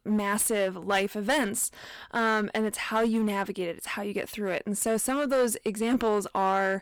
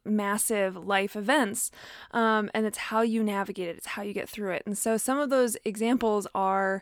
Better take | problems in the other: second | distortion; slight; 6% of the sound clipped

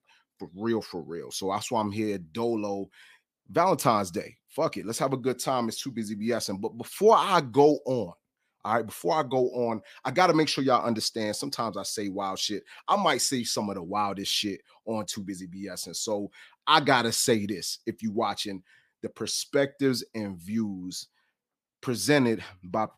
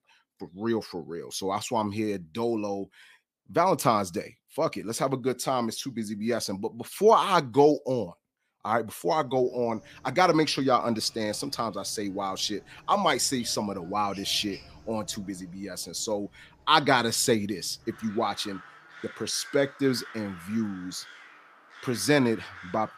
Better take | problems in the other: first | animal sounds; faint; from 9 s on; 20 dB below the speech

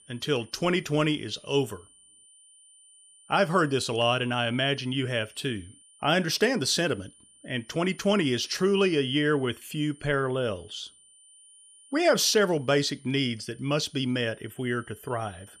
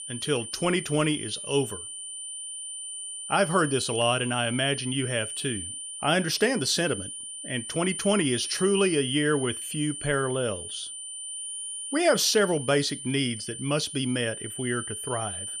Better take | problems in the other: first | high-pitched whine; loud; throughout; 9 kHz, 7 dB below the speech; faint in the first

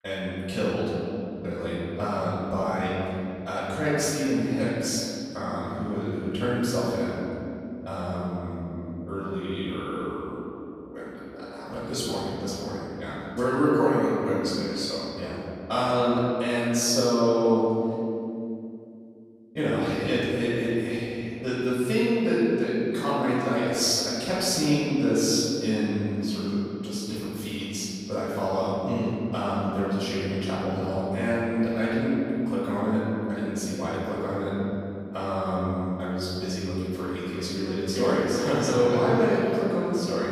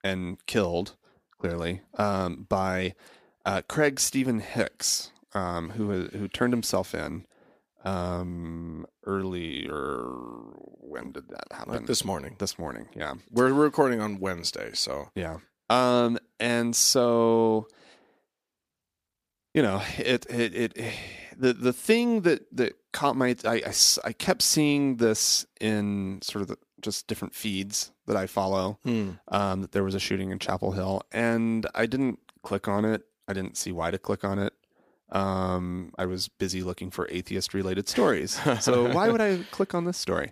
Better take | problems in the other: second | off-mic speech; far // room echo; strong; dies away in 2.9 s

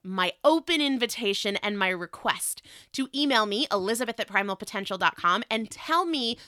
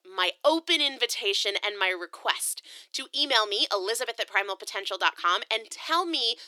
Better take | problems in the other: first | thin; very; fading below 350 Hz

